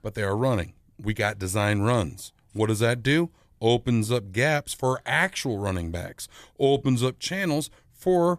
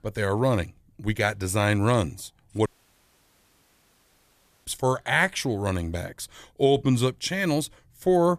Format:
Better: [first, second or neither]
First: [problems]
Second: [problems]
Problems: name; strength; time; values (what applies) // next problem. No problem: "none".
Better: first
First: none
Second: audio cutting out; at 2.5 s for 2 s